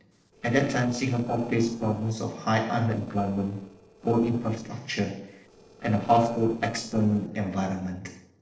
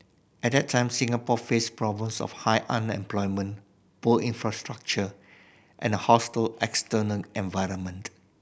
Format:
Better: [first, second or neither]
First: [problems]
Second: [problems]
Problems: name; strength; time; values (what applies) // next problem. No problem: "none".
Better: second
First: noise reduction (neural separator model SepFormer DNS4)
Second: none